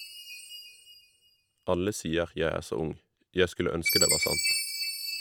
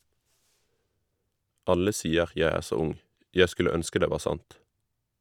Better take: second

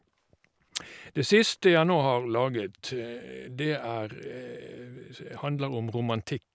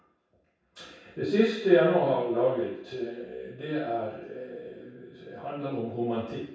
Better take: first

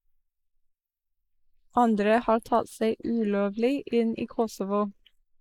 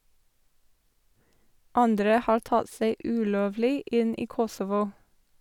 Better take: second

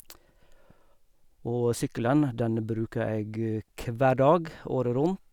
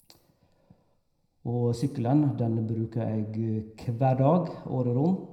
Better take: first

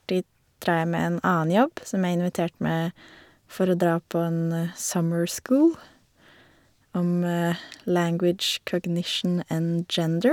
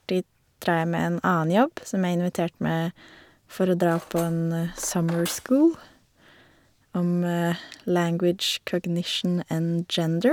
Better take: first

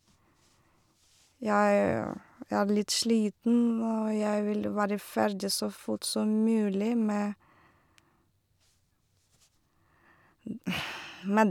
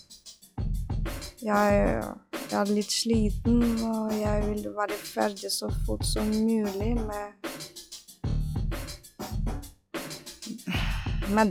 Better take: first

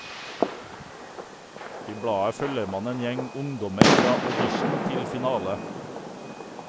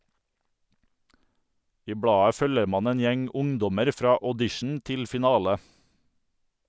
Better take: second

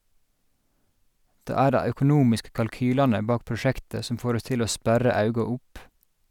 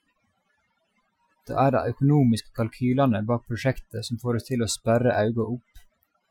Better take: first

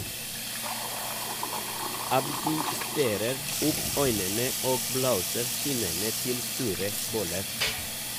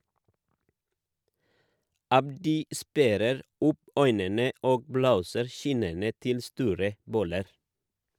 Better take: second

